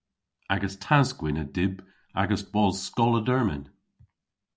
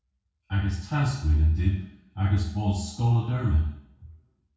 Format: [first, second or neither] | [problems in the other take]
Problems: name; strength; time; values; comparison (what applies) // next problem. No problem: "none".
first | room echo; dies away in 0.6 s